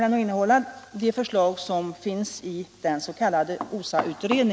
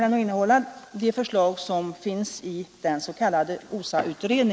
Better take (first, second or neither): first